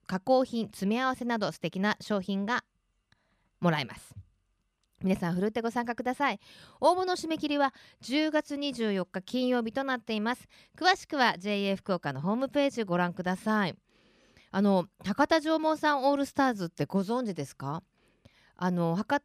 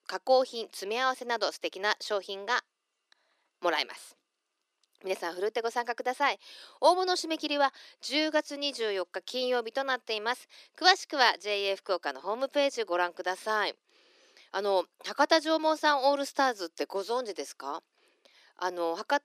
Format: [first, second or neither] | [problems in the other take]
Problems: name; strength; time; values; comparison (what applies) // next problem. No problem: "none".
first | thin; somewhat; fading below 350 Hz